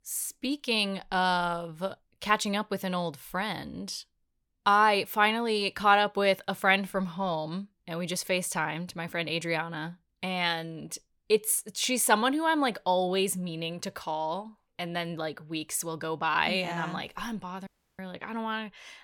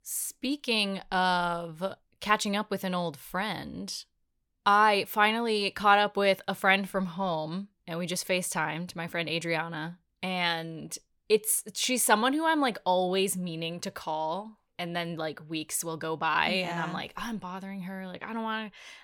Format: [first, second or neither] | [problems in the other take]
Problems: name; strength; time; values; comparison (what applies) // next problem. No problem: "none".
second | audio cutting out; at 18 s